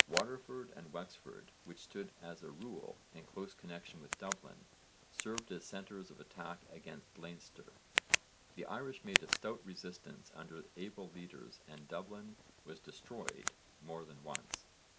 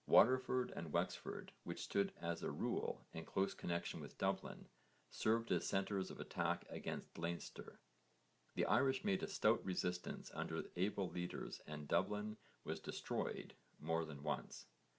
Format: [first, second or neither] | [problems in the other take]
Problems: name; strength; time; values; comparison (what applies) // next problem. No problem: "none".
second | background sound (Tick); 3 dB above the speech